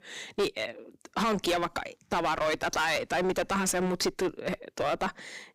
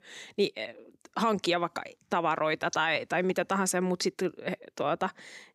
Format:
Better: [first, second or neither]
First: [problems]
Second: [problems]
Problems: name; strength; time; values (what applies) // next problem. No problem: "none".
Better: second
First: distortion; heavy; 12% of the sound clipped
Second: none